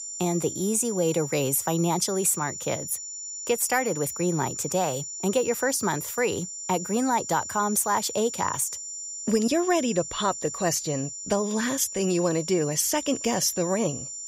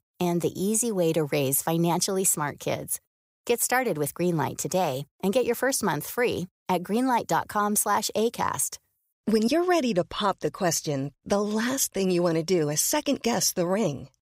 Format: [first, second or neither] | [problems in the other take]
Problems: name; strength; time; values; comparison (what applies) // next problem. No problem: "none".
second | high-pitched whine; loud; throughout; 7 kHz, 8 dB below the speech